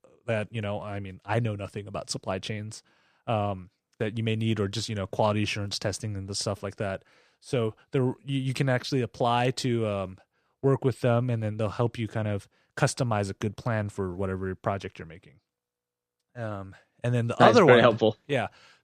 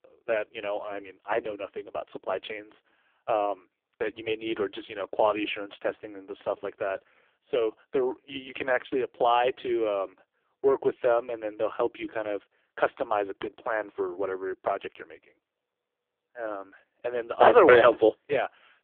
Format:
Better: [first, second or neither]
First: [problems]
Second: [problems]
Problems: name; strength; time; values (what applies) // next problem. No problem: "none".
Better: first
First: none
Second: phone-call audio; poor line